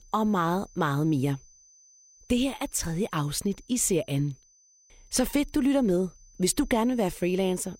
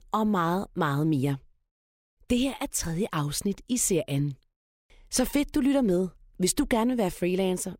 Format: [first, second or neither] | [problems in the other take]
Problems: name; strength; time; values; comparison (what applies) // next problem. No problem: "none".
second | high-pitched whine; faint; throughout; 6 kHz, 30 dB below the speech